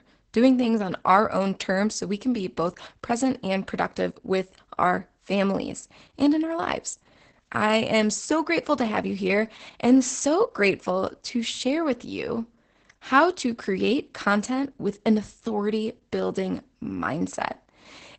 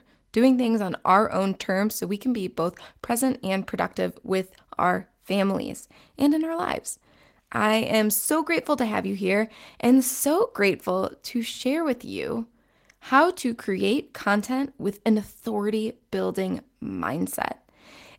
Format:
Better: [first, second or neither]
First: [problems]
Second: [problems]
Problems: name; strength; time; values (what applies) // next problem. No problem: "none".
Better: second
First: garbled, watery; badly; nothing above 8 kHz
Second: garbled, watery; slightly; nothing above 16 kHz